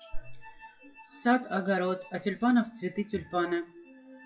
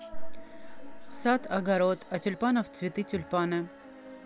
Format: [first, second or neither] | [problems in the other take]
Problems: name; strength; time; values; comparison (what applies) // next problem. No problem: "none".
second | noise reduction (classical method WPE with log-MMSE)